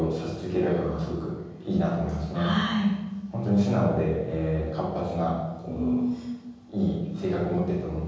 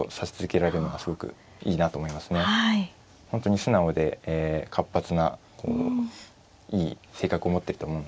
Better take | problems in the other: second | room echo; dies away in 1.3 s

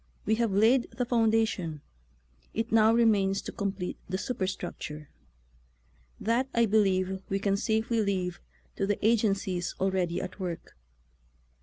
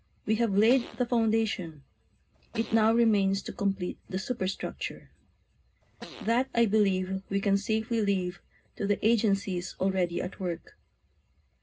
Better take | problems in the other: first | background sound (Fart); 19 dB below the speech // room echo; dies away in 0.2 s

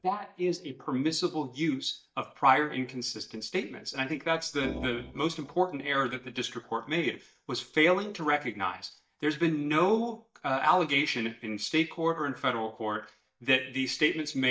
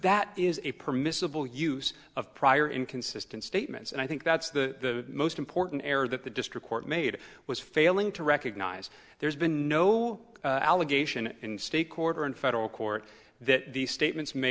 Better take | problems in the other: second | noise reduction (neural mask model DeepFilterNet 3)

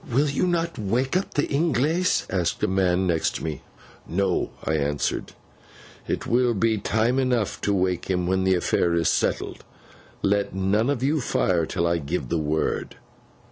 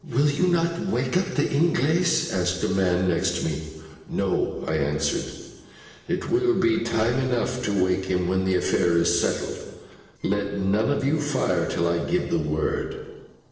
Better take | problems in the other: first | noise reduction (neural separator model SepFormer DNS4)

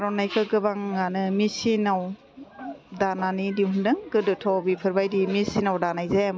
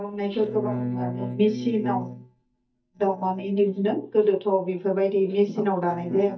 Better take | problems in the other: first | noise reduction (neural mask model DeepFilterNet 3)

